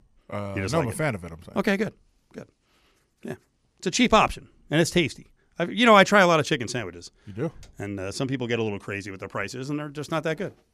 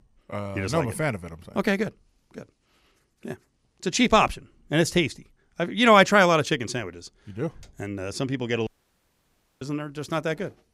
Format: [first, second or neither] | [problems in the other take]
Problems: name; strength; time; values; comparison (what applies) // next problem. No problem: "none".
first | audio cutting out; at 8.5 s for 1 s